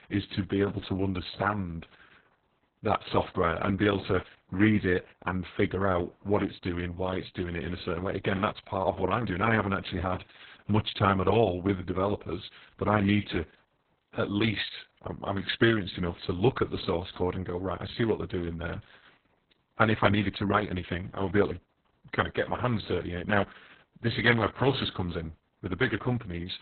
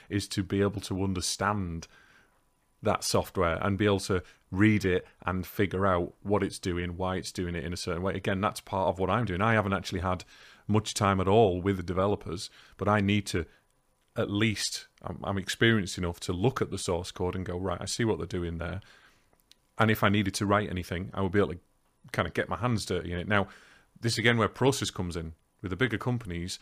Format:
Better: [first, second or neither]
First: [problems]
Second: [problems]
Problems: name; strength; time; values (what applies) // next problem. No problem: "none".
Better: second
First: garbled, watery; badly; nothing above 4 kHz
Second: none